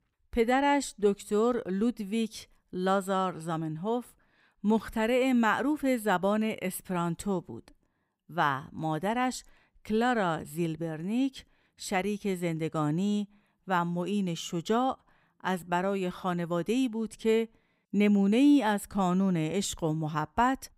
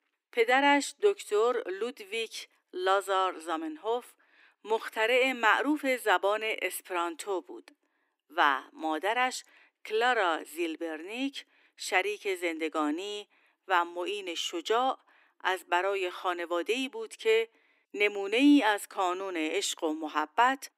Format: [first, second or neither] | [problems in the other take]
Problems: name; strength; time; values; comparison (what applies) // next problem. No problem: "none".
first | thin; somewhat; fading below 300 Hz